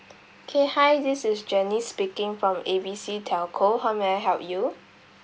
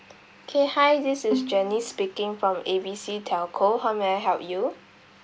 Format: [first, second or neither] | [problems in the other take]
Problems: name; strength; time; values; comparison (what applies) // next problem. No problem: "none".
first | background sound (Bowed string instrument); 8 dB below the speech